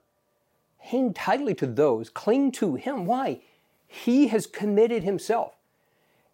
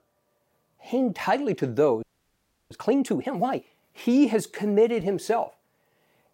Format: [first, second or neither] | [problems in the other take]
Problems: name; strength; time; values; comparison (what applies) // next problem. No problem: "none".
first | audio freezing; at 2 s for 0.5 s